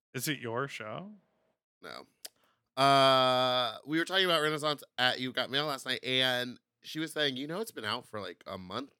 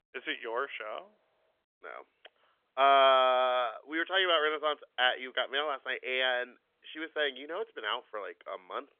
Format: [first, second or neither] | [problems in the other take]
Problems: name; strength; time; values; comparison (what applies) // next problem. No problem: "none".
first | phone-call audio; nothing above 3.5 kHz